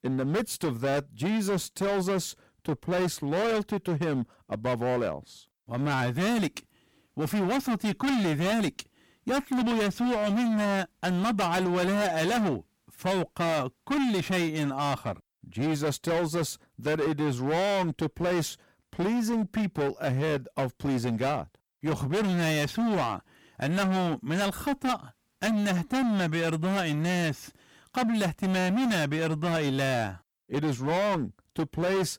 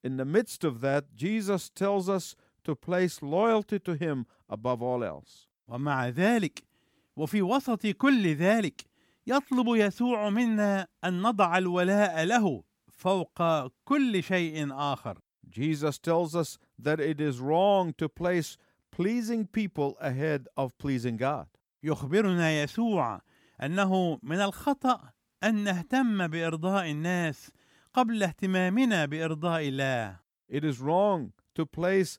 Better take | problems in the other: second | distortion; heavy; 27% of the sound clipped

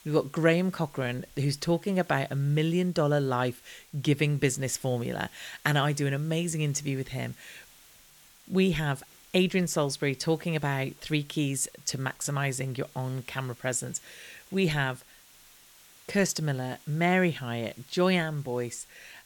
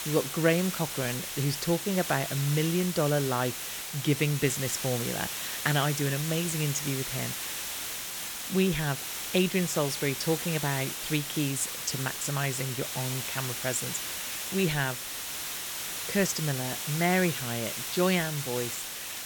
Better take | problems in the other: first | hiss; loud; throughout; 3 dB below the speech; faint in the first

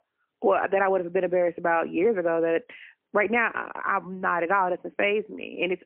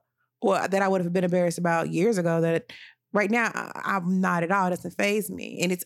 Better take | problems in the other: second | phone-call audio; poor line; nothing above 2.5 kHz

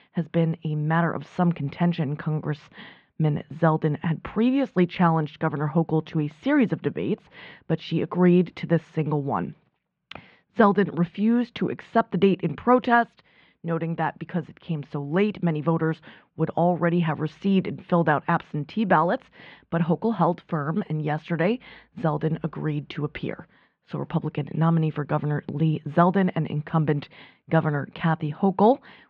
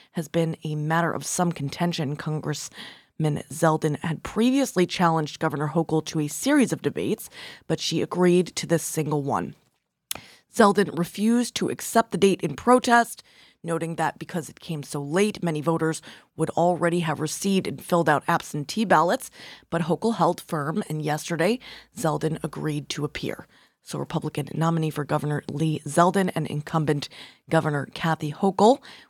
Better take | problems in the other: second | muffled; very; fading above 3 kHz

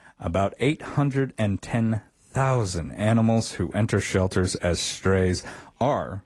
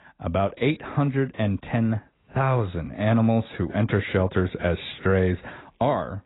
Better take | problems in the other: first | garbled, watery; badly; nothing above 4 kHz; slightly in the first

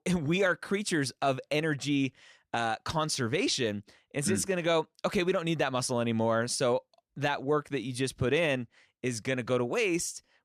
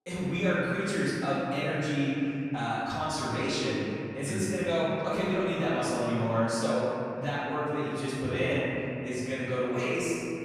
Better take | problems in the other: first | room echo; strong; dies away in 2.9 s // off-mic speech; far

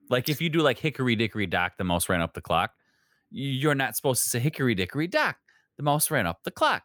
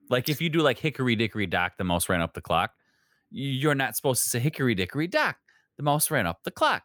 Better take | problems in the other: neither | none

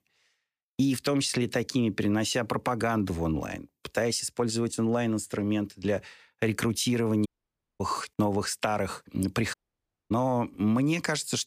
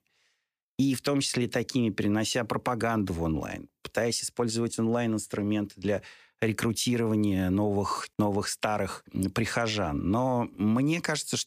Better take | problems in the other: second | audio cutting out; at 7.5 s for 0.5 s and at 9.5 s for 0.5 s

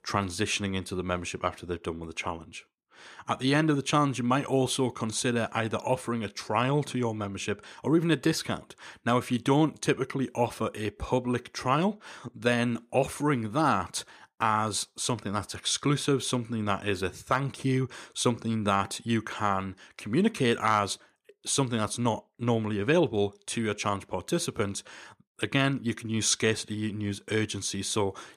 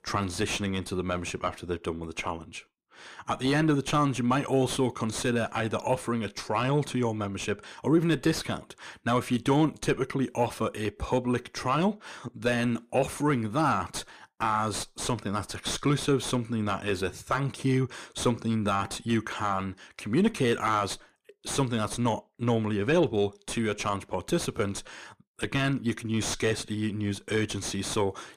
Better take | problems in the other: first | distortion; slight; 8 dB below the speech

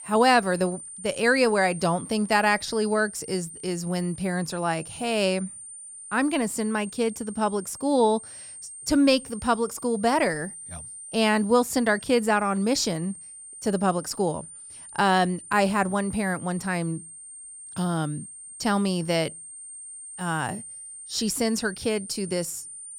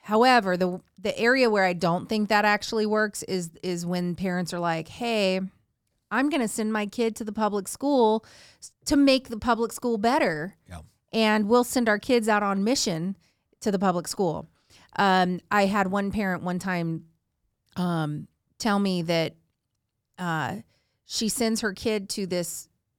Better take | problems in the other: second | high-pitched whine; noticeable; throughout; 8.5 kHz, 15 dB below the speech

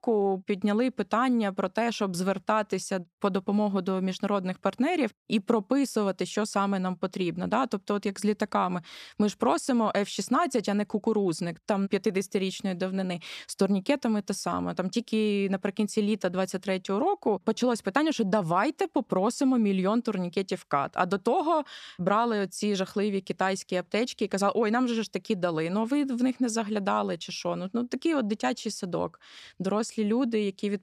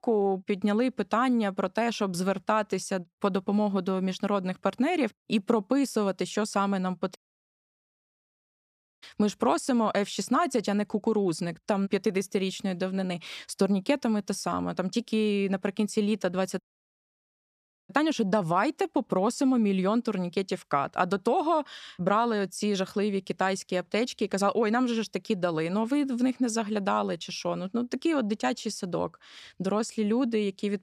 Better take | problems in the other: first | audio cutting out; at 7 s for 2 s and at 17 s for 1.5 s

